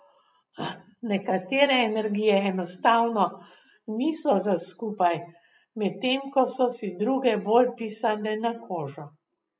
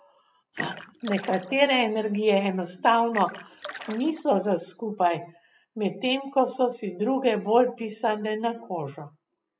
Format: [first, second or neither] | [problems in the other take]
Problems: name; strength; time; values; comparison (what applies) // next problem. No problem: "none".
first | background sound (Splash, splatter); 13 dB below the speech